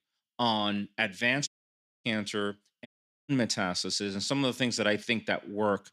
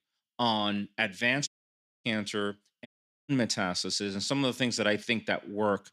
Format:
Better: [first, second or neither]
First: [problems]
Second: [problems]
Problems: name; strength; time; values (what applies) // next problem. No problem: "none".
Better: neither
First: audio cutting out; at 1.5 s for 0.5 s and at 3 s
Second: audio cutting out; at 1.5 s for 0.5 s and at 3 s